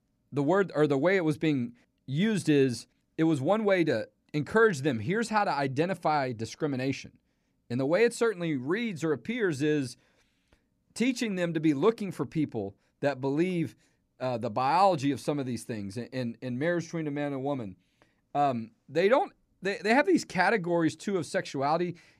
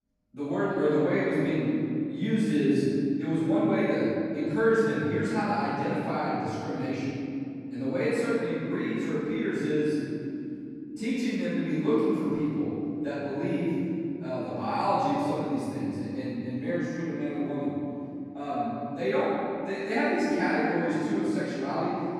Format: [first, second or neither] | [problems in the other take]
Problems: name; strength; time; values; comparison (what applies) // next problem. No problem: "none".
first | off-mic speech; far // room echo; strong; dies away in 3 s